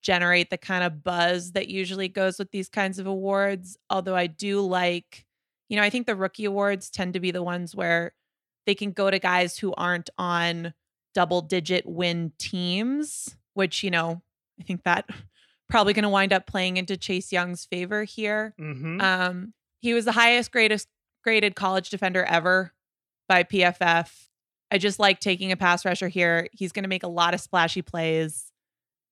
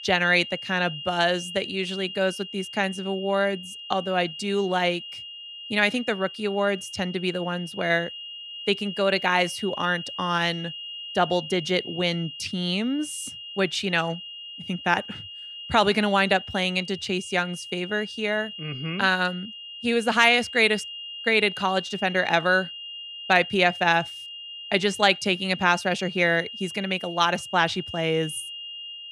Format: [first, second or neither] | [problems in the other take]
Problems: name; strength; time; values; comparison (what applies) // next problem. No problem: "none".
first | high-pitched whine; noticeable; throughout; 3 kHz, 10 dB below the speech